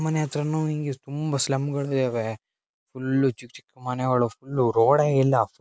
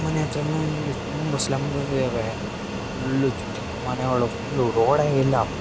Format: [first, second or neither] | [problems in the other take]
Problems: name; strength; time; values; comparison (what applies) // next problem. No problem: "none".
first | background sound (Fixed-wing aircraft, airplane); 5 dB below the speech